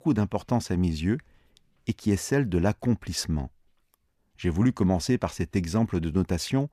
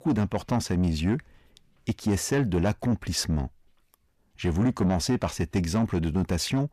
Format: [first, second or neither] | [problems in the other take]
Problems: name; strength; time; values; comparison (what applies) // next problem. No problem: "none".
first | distortion; slight; 10 dB below the speech